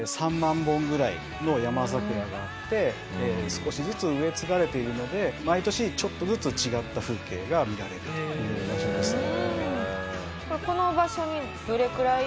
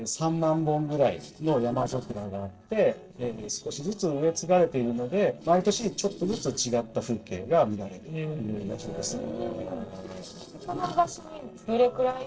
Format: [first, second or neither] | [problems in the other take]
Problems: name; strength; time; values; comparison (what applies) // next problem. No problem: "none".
first | noise reduction (neural separator model SepFormer DNS4)